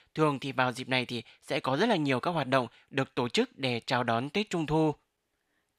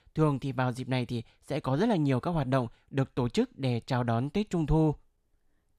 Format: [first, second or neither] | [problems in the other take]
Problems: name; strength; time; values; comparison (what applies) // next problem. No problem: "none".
second | thin; very slightly; fading below 400 Hz